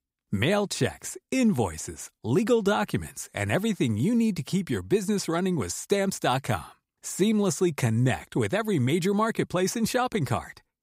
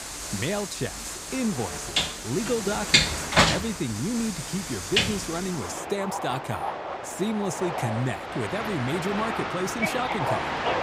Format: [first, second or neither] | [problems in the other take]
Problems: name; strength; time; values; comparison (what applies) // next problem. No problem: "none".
first | train or aircraft noise; very loud; throughout; 3 dB above the speech